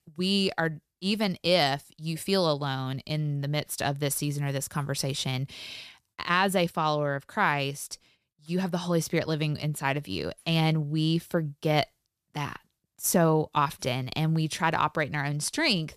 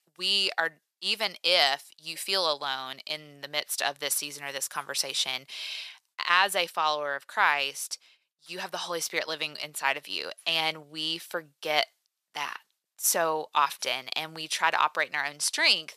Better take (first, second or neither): first